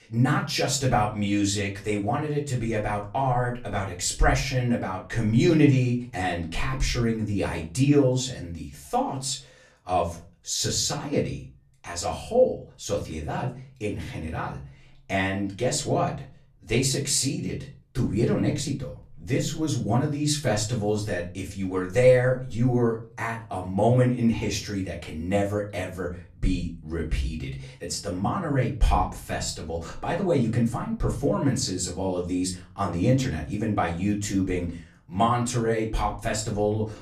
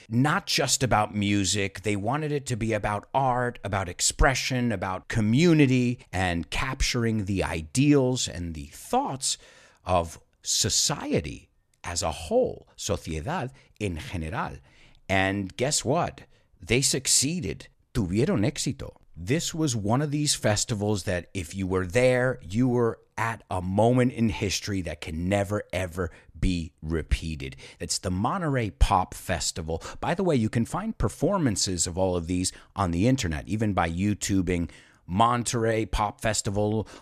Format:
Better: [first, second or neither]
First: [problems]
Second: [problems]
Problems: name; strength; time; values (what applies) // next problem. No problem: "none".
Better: second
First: off-mic speech; far // room echo; very slight; dies away in 0.3 s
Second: none